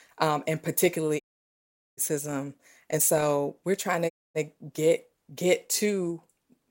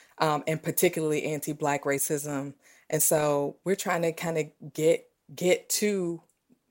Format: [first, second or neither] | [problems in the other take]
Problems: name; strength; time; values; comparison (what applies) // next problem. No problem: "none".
second | audio cutting out; at 1 s for 1 s and at 4 s